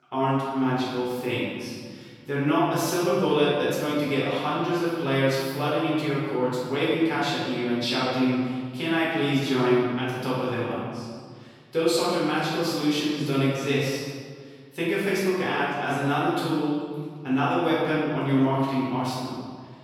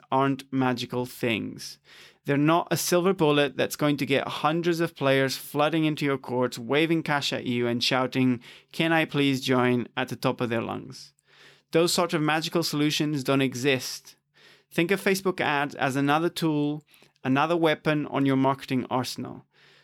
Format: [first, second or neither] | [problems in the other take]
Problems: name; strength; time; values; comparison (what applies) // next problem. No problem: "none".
second | off-mic speech; far // room echo; strong; dies away in 1.6 s